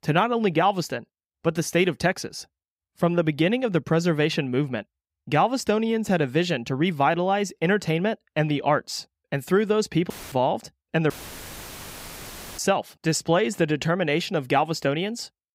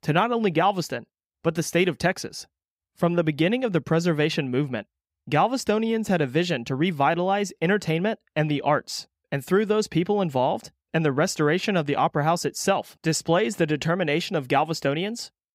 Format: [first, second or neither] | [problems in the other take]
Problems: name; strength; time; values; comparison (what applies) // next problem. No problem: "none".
second | audio cutting out; filled with static; at 10 s and at 11 s for 1.5 s